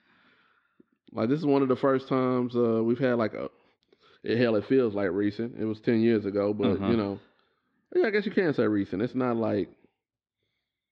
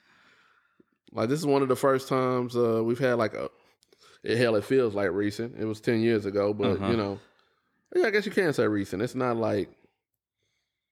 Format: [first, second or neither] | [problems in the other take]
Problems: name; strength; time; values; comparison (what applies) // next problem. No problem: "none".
second | muffled; very slightly; fading above 4 kHz